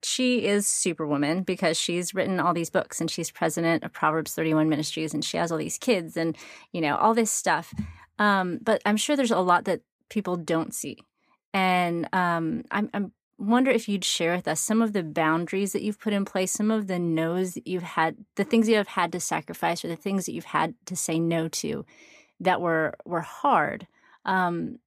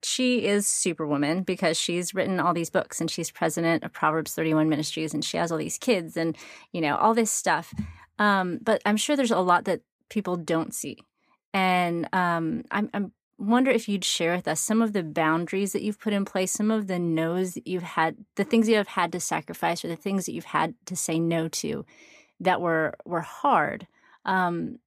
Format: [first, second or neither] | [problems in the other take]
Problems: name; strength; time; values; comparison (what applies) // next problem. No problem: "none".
neither | none